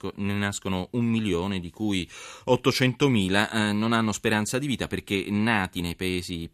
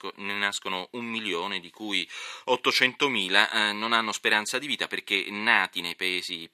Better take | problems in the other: first | thin; somewhat; fading below 350 Hz

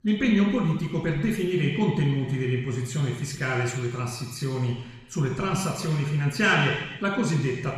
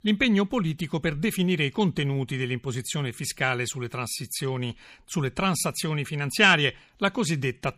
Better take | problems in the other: second | room echo; noticeable; dies away in 1 s // off-mic speech; far

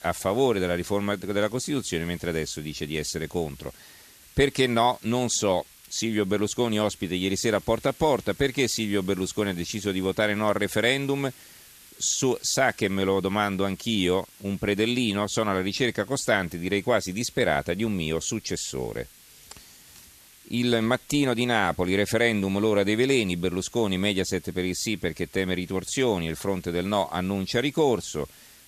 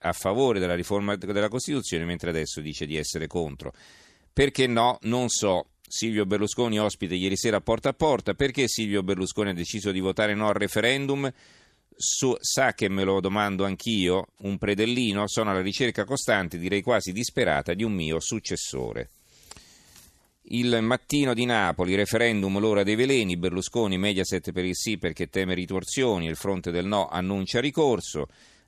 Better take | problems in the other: second | hiss; faint; throughout; 25 dB below the speech

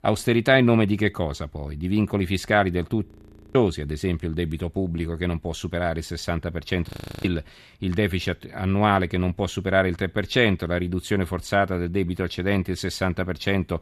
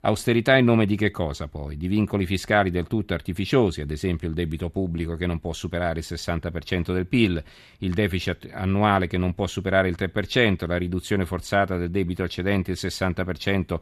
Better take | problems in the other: second | audio freezing; at 3 s and at 7 s

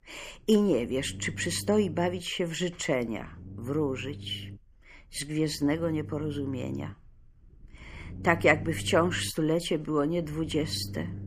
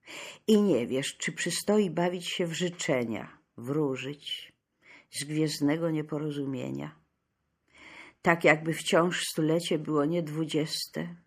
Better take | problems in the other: second | low rumble; faint; throughout; 20 dB below the speech

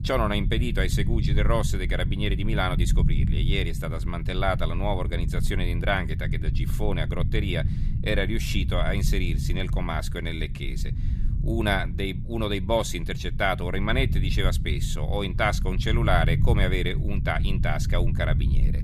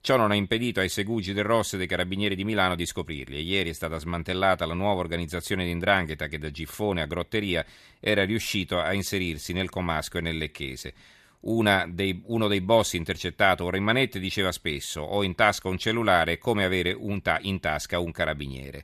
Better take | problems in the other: second | low rumble; noticeable; throughout; 15 dB below the speech

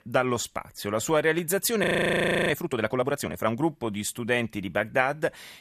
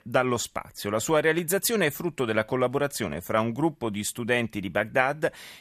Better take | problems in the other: second | audio freezing; at 2 s for 0.5 s

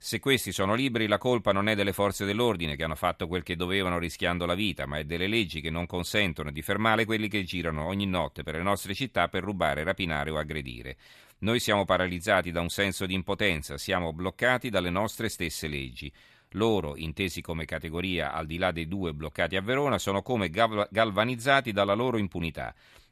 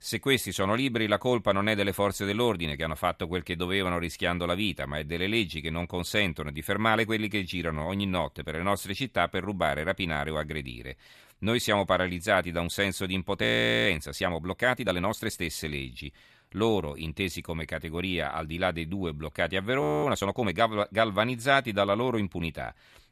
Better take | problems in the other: first | audio freezing; at 13 s and at 20 s

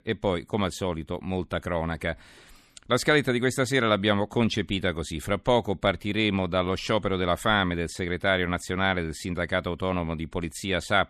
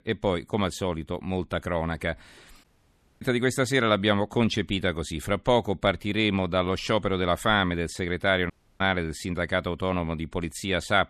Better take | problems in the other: first | audio cutting out; at 2.5 s for 0.5 s and at 8.5 s

